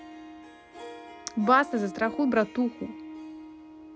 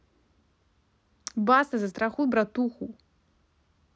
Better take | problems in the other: second | background sound (Harp); 13 dB below the speech

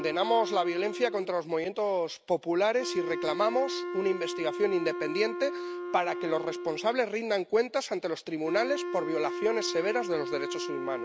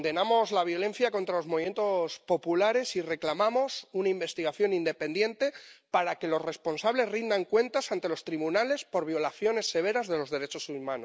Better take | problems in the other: second | background sound (Wind instrument, woodwind instrument); 7 dB below the speech

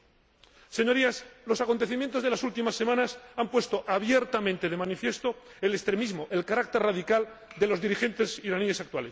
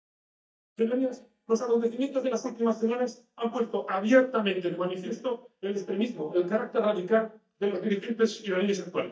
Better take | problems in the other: first | noise reduction (neural mask model DeepFilterNet 3)

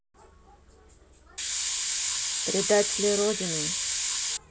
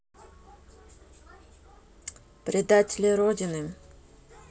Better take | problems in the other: second | background sound (Hiss); 3 dB above the speech

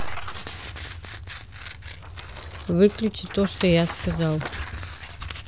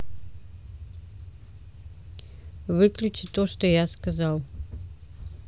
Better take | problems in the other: second | background sound (Tearing); 13 dB below the speech

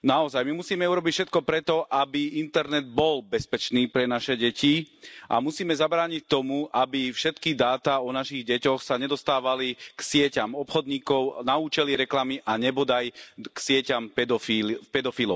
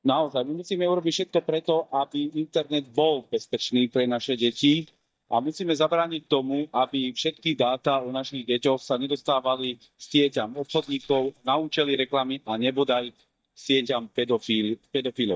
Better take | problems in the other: first | noise reduction (neural mask model DeepFilterNet 3)

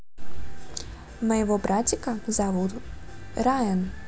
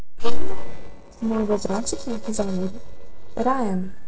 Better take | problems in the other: first | noise reduction (neural separator model SepFormer DNS4)

